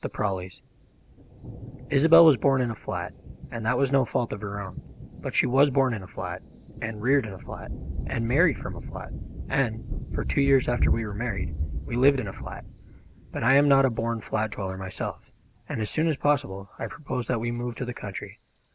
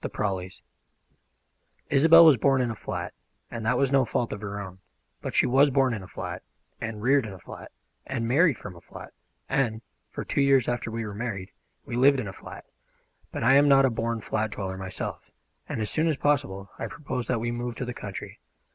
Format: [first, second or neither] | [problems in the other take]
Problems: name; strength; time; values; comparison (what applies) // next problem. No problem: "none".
second | background sound (Thunder); 9 dB below the speech